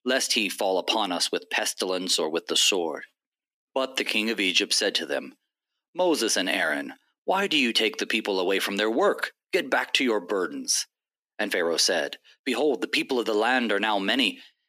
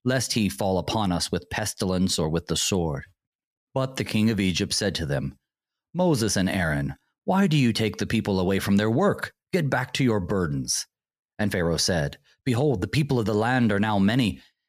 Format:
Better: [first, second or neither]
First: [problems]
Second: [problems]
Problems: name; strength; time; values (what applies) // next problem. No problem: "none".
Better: second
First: thin; somewhat; fading below 250 Hz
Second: none